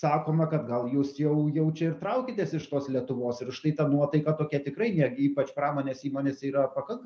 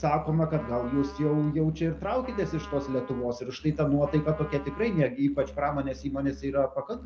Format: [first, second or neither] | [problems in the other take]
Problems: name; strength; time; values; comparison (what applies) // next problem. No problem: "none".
first | background sound (Trumpet + Musical instrument); 16 dB below the speech